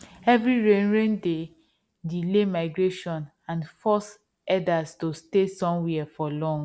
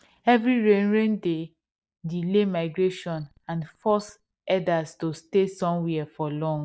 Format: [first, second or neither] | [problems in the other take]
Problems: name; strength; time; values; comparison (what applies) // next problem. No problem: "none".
first | noise reduction (neural mask model DeepFilterNet 3)